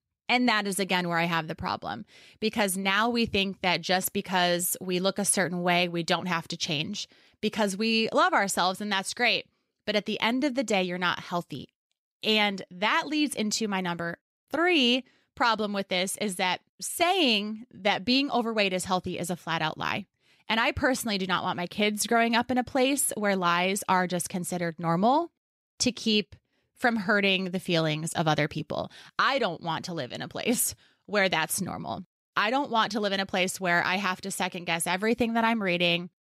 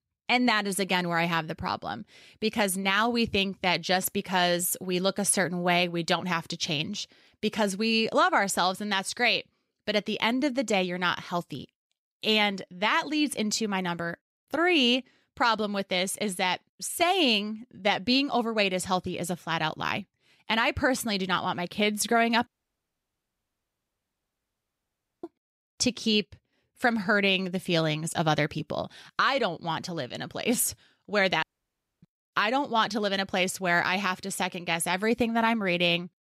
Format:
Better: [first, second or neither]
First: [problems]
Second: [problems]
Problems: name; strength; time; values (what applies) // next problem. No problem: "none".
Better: first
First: none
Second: audio cutting out; at 22 s for 3 s and at 31 s for 0.5 s